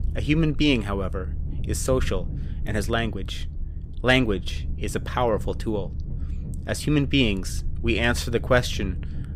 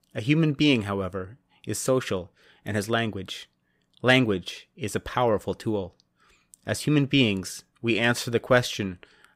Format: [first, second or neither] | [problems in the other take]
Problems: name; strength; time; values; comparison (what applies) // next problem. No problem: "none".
second | low rumble; faint; throughout; 20 dB below the speech